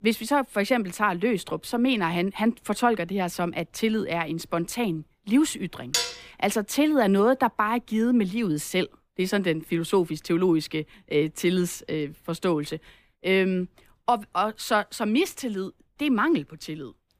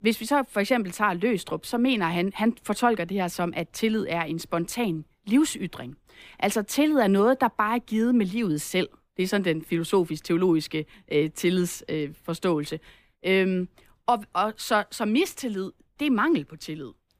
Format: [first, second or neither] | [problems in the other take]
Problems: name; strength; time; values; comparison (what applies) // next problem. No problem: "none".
second | clattering dishes; noticeable; at 6 s; peak level with the speech